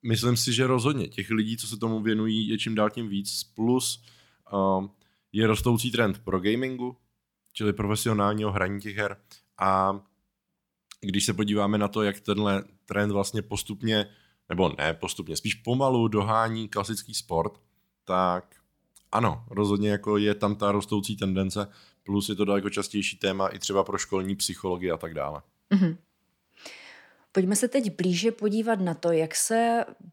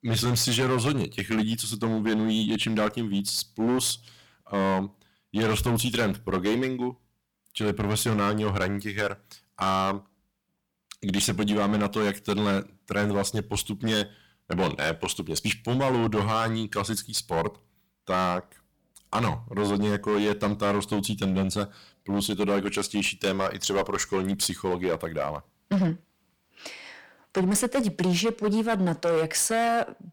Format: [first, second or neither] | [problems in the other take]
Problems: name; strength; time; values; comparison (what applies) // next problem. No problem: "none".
first | distortion; heavy; 11% of the sound clipped